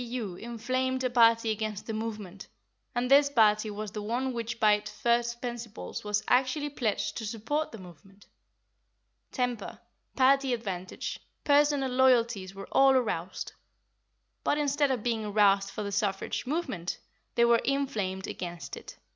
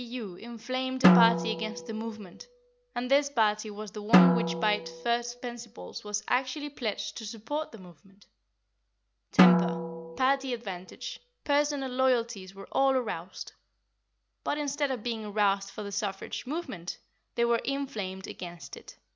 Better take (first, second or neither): first